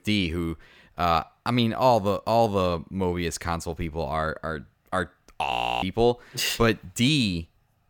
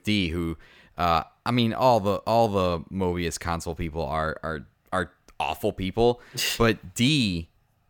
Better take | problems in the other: second | audio freezing; at 5.5 s

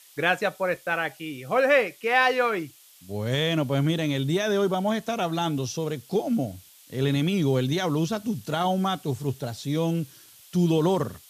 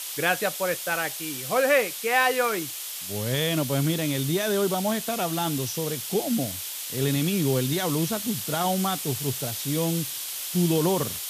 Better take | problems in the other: first | hiss; loud; throughout; 5 dB below the speech; faint in the first

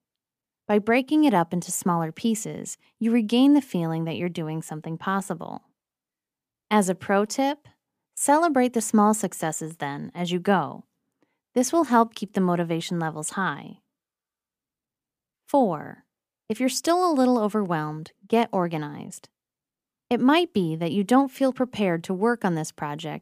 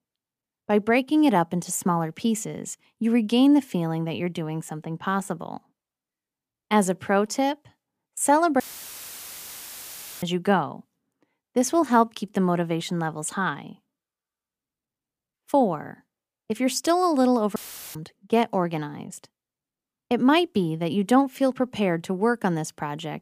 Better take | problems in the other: first | audio cutting out; filled with static; at 8.5 s for 1.5 s and at 18 s

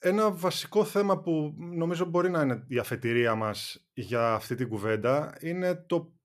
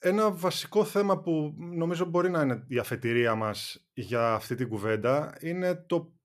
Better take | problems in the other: neither | none

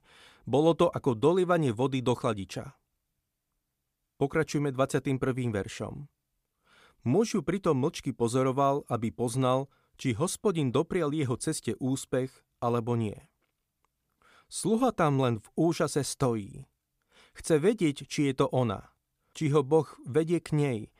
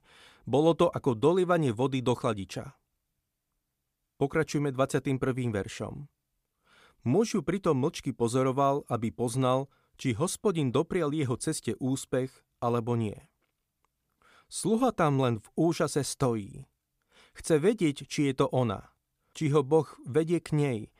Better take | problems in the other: neither | none

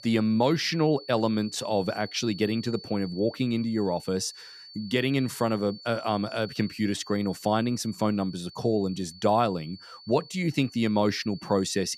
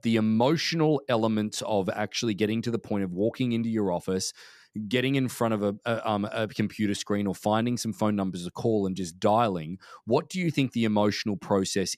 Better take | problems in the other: second | high-pitched whine; noticeable; throughout; 4.5 kHz, 15 dB below the speech

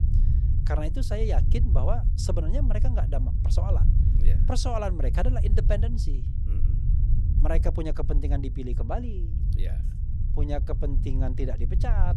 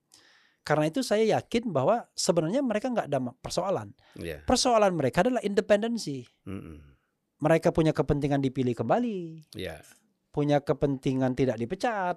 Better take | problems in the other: second | low rumble; loud; throughout; 9 dB below the speech

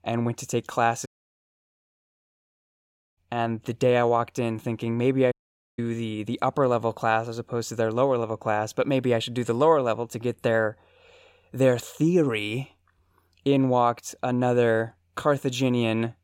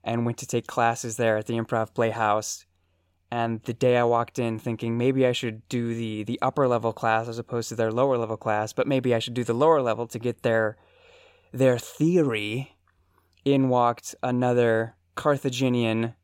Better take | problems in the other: second | audio cutting out; at 1 s for 2 s and at 5.5 s

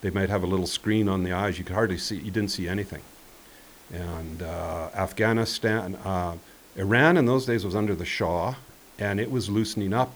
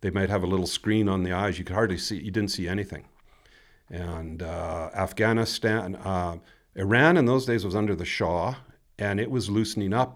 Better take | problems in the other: second | hiss; faint; throughout; 25 dB below the speech

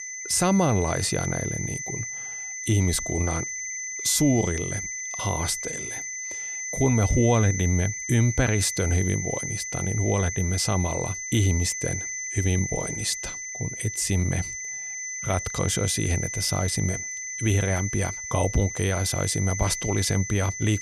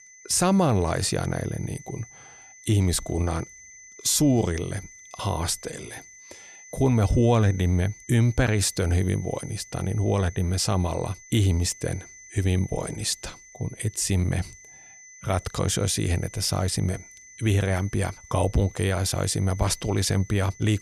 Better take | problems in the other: second | high-pitched whine; loud; throughout; 6 kHz, 5 dB below the speech; faint in the second

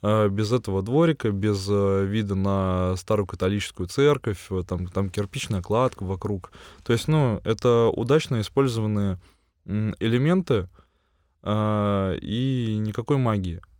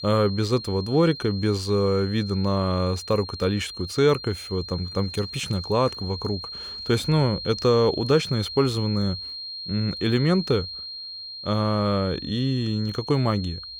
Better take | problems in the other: first | high-pitched whine; loud; throughout; 4 kHz, 10 dB below the speech

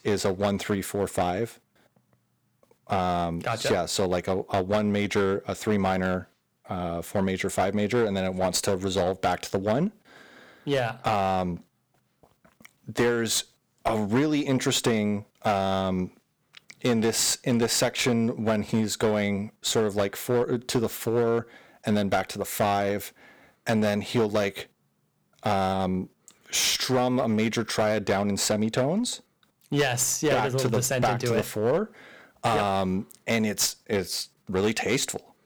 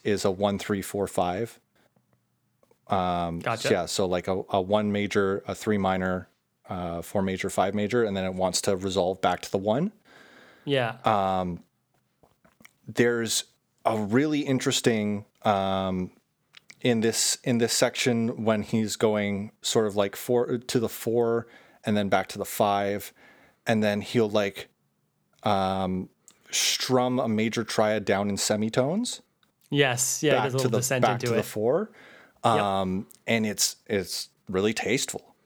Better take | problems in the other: second | distortion; slight; 6% of the sound clipped

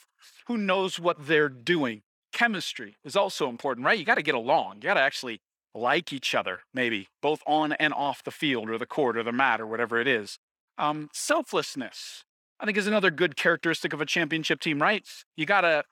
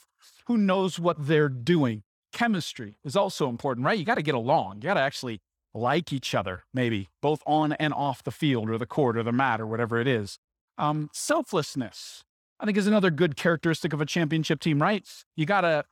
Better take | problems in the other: second | thin; somewhat; fading below 300 Hz

